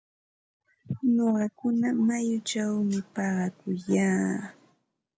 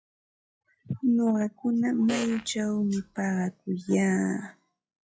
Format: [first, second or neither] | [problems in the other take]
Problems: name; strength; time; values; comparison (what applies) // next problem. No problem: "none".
first | noise reduction (classical method log-MMSE)